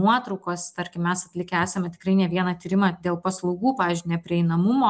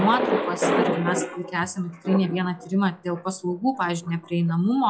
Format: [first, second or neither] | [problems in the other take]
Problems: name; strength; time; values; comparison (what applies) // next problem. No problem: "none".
first | noise reduction (classical method log-MMSE)